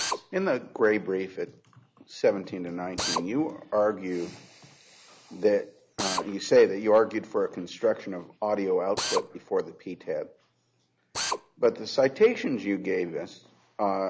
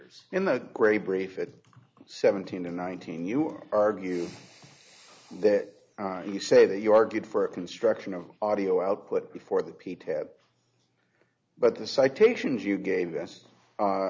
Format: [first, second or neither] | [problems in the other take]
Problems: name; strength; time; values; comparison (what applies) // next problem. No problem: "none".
second | background sound (Drill); 12 dB below the speech